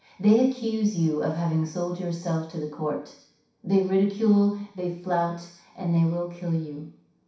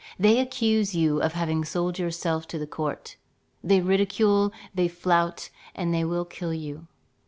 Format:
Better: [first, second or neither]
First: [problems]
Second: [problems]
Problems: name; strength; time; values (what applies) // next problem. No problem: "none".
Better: second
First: room echo; dies away in 0.6 s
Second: none